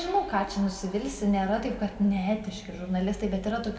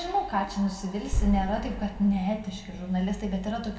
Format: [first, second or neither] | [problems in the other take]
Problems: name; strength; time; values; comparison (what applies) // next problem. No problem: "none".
first | background sound (Boom); 4 dB below the speech // room echo; dies away in 0.5 s